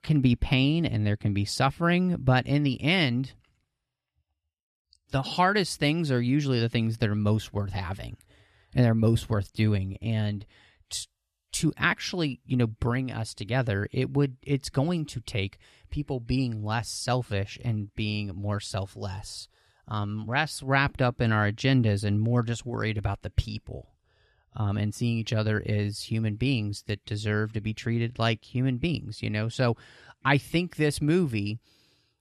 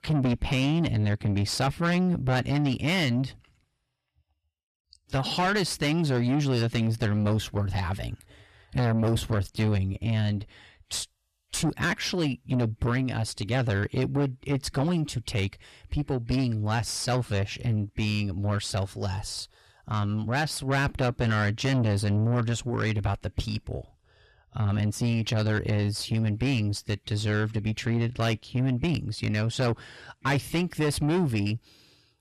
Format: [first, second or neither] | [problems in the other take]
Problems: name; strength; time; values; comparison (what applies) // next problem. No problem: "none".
first | distortion; heavy; 8 dB below the speech